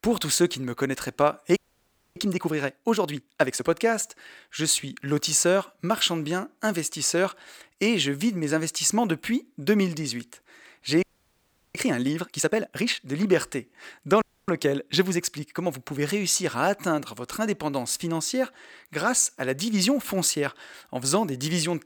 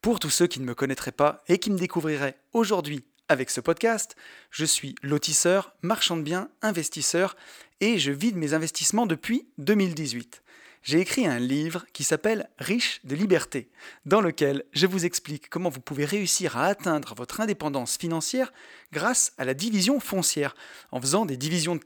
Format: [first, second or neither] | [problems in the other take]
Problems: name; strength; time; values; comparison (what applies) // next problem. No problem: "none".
second | audio freezing; at 1.5 s for 0.5 s, at 11 s for 0.5 s and at 14 s